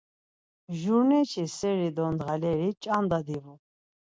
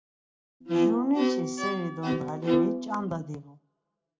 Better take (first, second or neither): first